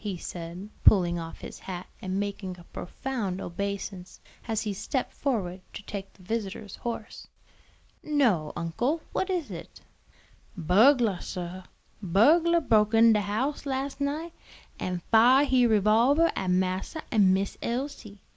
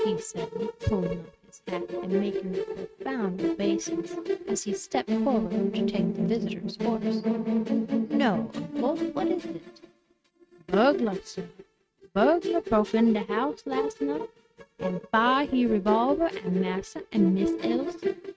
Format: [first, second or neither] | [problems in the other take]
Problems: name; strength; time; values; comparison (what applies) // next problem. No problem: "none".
first | noise reduction (neural mask model RNNoise)